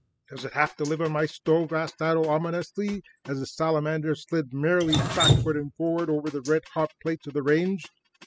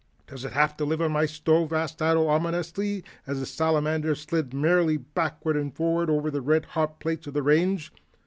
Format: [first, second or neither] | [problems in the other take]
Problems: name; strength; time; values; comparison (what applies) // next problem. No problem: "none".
second | noise reduction (classical method spectral subtraction)